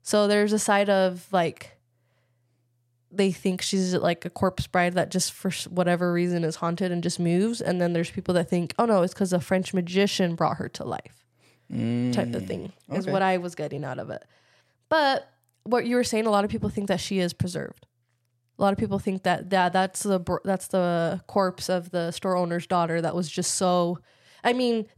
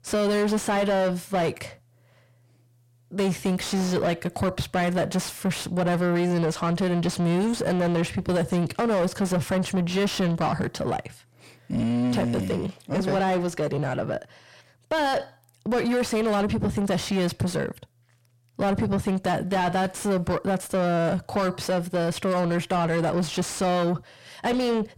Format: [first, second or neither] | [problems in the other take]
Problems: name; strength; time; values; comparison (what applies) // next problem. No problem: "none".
first | distortion; heavy; 6 dB below the speech